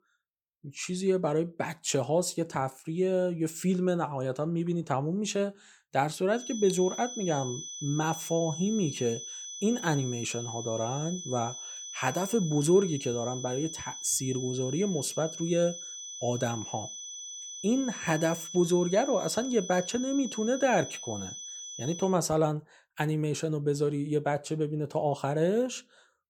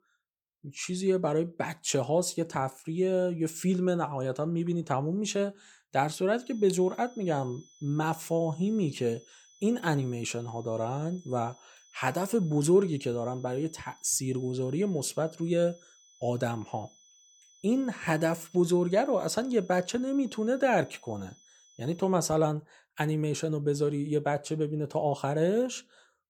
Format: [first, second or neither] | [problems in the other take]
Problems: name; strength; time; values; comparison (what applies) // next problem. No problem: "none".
second | high-pitched whine; loud; from 6.5 to 22 s; 6 kHz, 9 dB below the speech; faint in the second